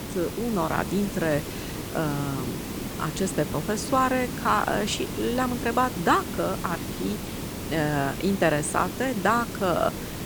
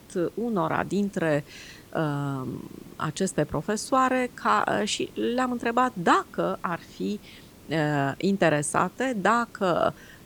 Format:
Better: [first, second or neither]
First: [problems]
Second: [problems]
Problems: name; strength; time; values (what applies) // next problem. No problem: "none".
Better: second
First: hiss; loud; throughout; 7 dB below the speech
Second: hiss; faint; throughout; 25 dB below the speech